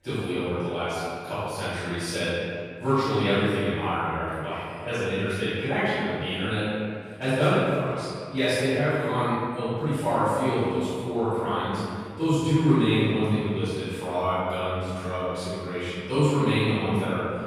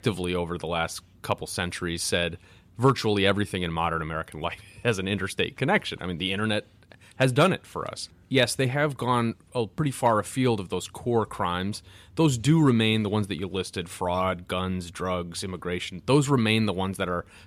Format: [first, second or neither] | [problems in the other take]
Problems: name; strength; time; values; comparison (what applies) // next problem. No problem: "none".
second | off-mic speech; far // room echo; strong; dies away in 2 s